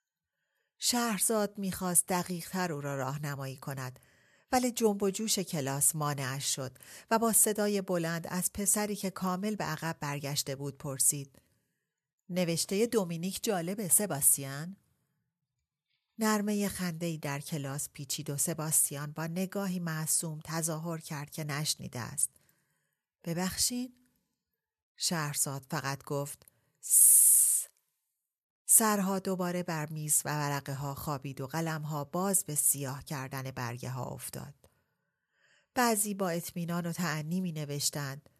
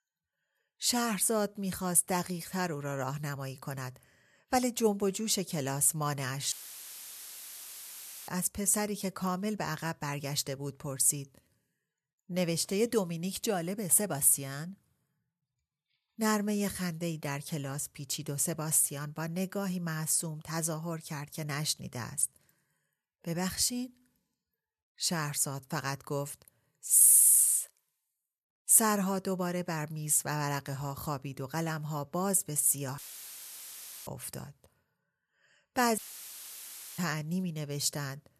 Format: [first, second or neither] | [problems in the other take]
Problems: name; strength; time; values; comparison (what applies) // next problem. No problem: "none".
first | audio cutting out; filled with static; at 6.5 s for 2 s, at 33 s for 1 s and at 36 s for 1 s